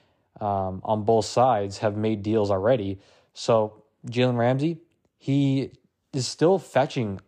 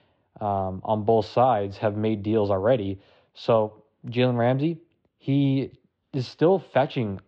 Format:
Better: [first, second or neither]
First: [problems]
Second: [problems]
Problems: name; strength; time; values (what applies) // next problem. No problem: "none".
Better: first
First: none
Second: muffled; slightly; fading above 3.5 kHz